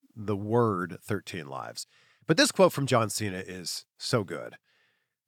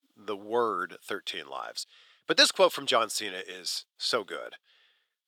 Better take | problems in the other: first | thin; somewhat; fading below 450 Hz

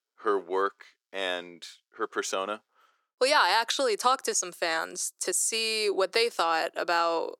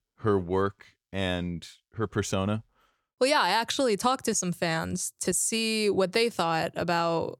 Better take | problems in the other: second | thin; very; fading below 350 Hz

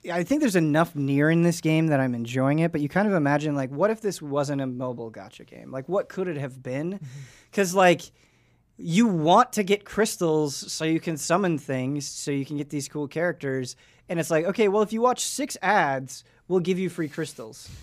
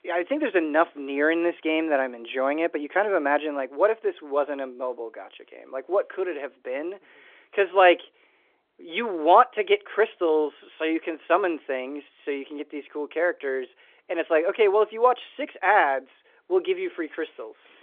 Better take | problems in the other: first | phone-call audio; nothing above 3.5 kHz

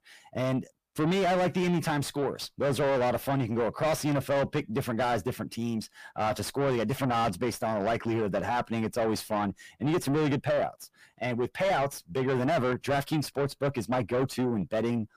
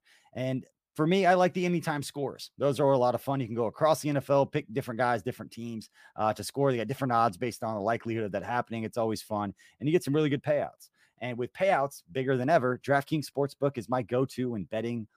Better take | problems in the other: second | distortion; heavy; 6 dB below the speech

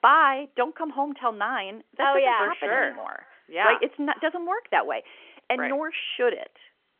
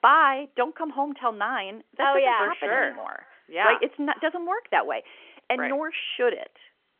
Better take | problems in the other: neither | phone-call audio; nothing above 3 kHz; the same in both

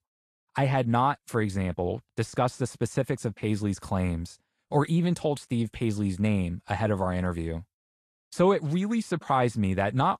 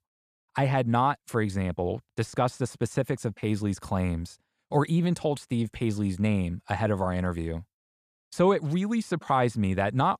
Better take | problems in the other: second | garbled, watery; slightly; nothing above 12.5 kHz

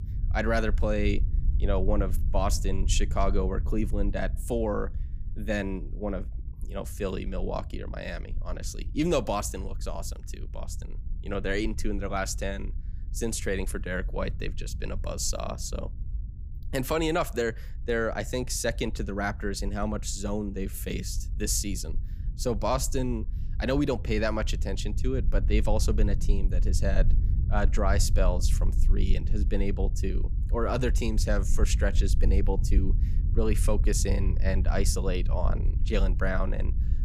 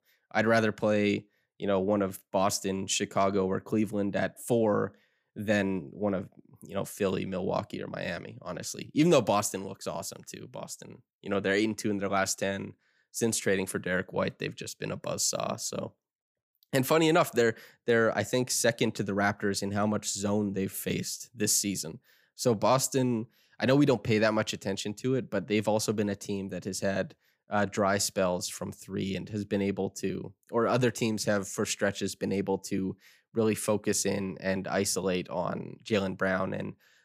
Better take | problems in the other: second | low rumble; noticeable; throughout; 20 dB below the speech

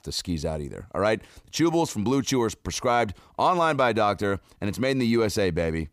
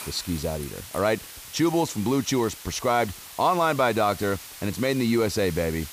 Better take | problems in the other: first | hiss; noticeable; throughout; 15 dB below the speech

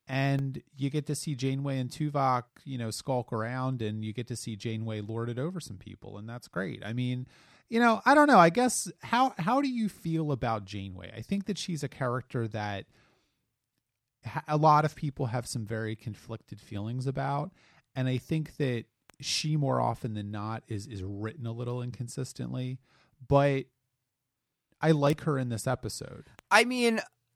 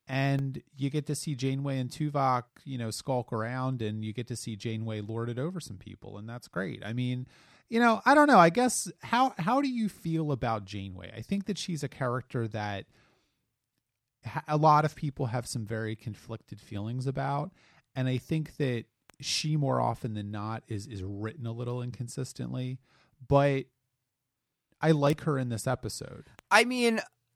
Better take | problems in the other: neither | none

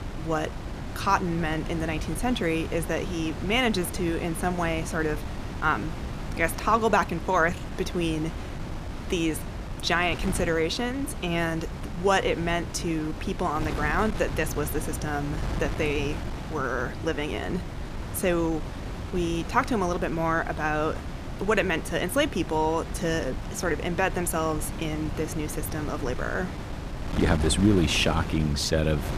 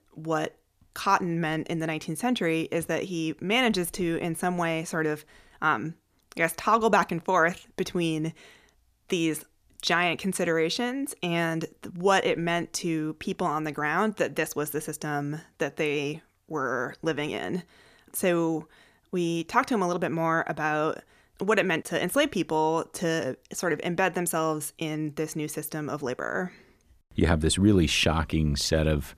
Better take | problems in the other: second | wind noise on the microphone; occasional gusts; 10 dB below the speech

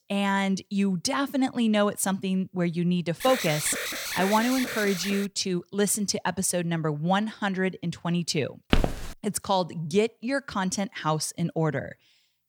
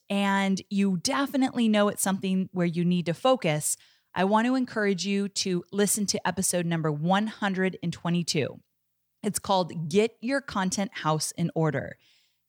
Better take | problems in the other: second | alarm; noticeable; from 3 to 5.5 s; peak 3 dB below the speech // footsteps; loud; at 8.5 s; peak level with the speech

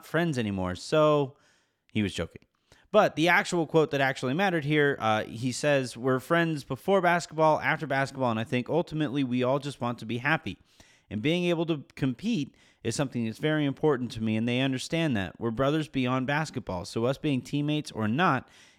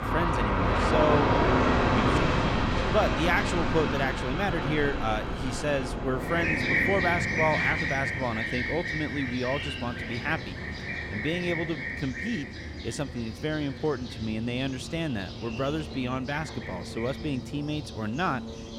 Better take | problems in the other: first | train or aircraft noise; very loud; throughout; 2 dB above the speech

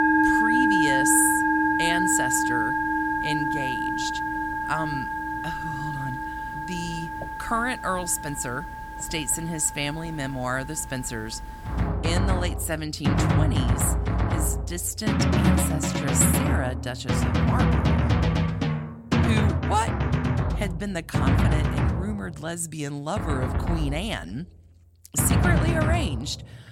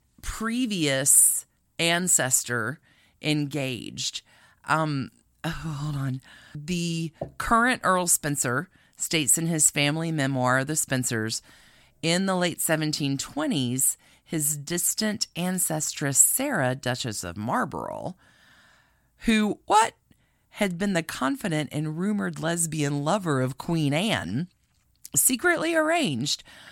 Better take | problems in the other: second | background music; very loud; throughout; 4 dB above the speech

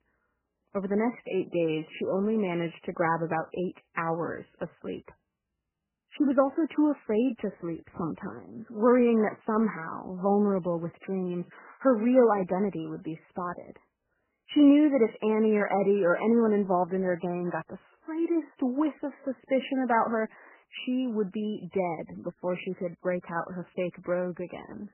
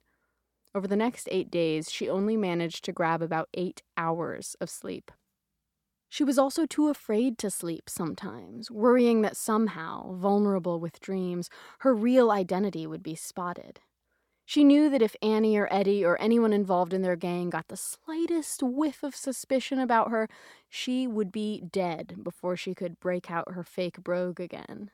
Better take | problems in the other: second | garbled, watery; badly; nothing above 3 kHz

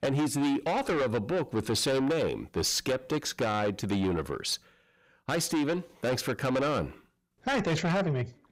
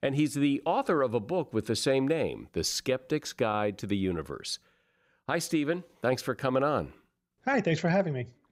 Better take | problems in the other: second | distortion; heavy; 7 dB below the speech

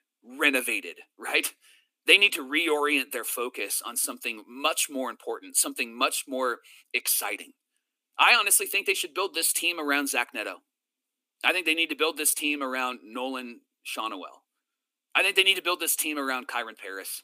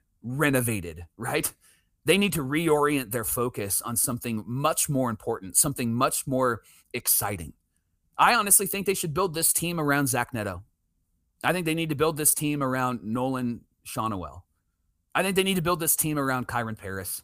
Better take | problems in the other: second | thin; very slightly; fading below 250 Hz

